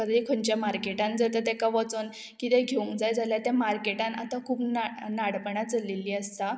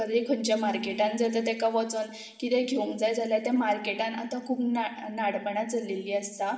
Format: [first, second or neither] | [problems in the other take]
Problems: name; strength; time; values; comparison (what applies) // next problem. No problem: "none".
first | room echo; dies away in 0.9 s